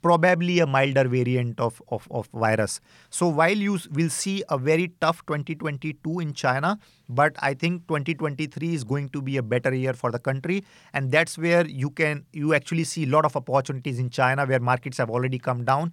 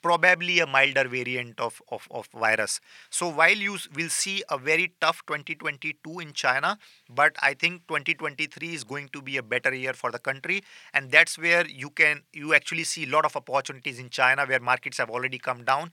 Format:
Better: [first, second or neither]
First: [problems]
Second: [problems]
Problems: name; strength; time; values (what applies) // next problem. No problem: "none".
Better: first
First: none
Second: thin; somewhat; fading below 1 kHz